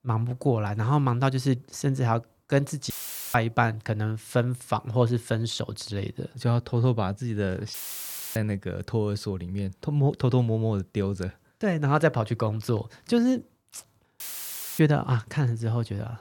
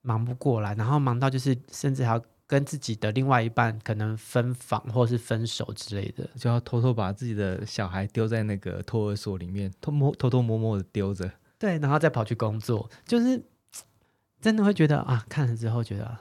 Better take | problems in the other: second | audio cutting out; filled with static; at 3 s, at 7.5 s for 0.5 s and at 14 s for 0.5 s

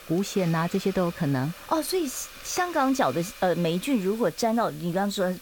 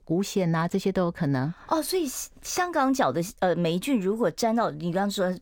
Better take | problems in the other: second | hiss; noticeable; throughout; 15 dB below the speech

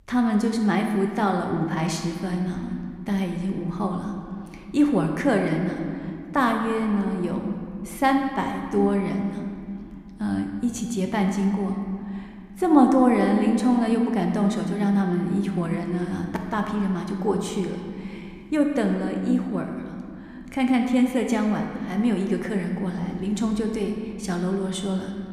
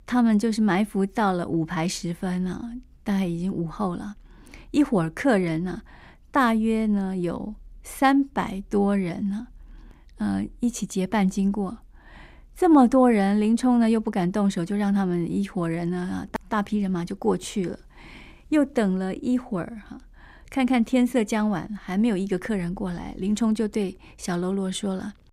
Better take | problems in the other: second | room echo; slight; dies away in 2 s

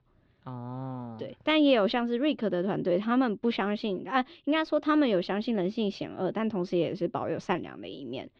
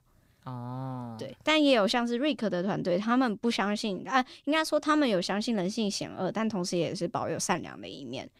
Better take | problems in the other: second | muffled; slightly; fading above 3.5 kHz

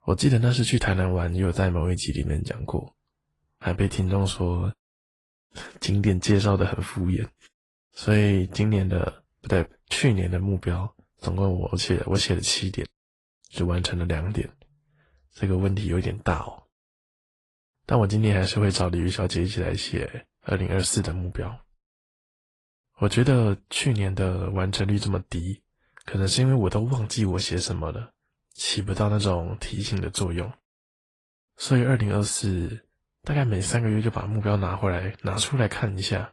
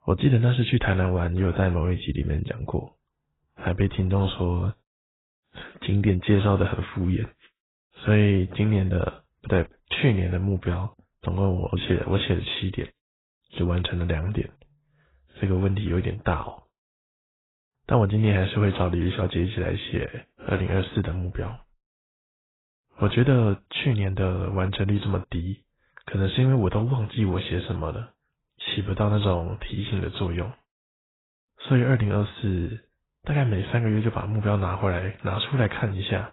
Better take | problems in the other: first | garbled, watery; badly; nothing above 4 kHz; slightly in the first

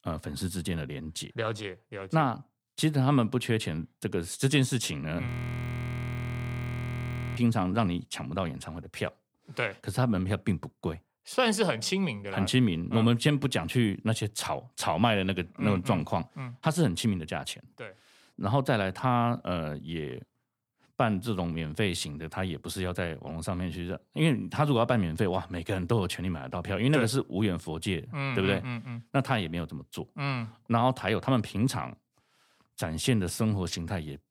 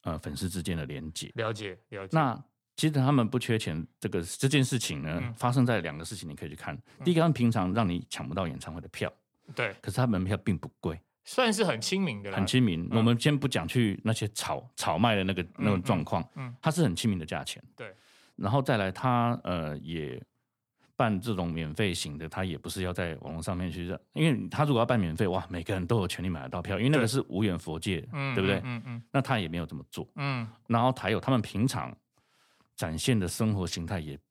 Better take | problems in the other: second | audio freezing; at 5.5 s for 2 s

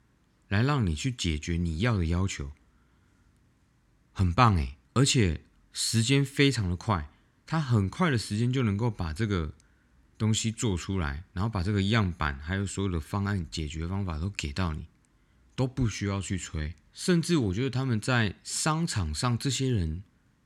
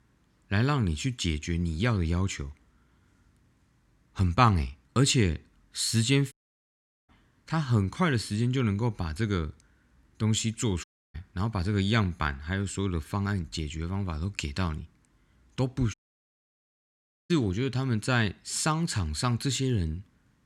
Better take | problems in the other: first | audio cutting out; at 6.5 s for 1 s, at 11 s and at 16 s for 1.5 s

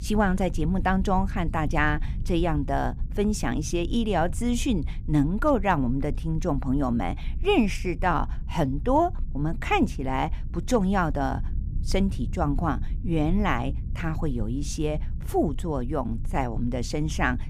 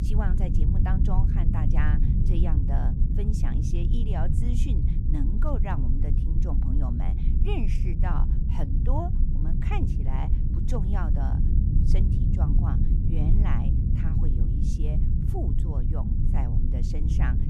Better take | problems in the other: first | low rumble; loud; throughout; 1 dB below the speech; faint in the first

